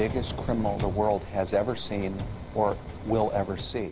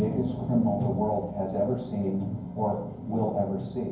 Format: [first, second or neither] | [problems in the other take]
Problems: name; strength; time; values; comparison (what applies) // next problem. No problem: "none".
first | room echo; dies away in 0.9 s